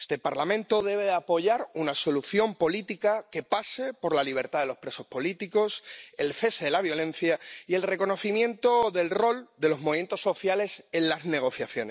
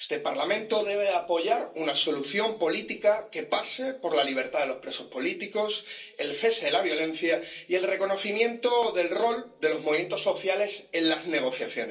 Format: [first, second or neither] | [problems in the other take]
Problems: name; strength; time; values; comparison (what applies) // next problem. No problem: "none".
first | room echo; dies away in 0.3 s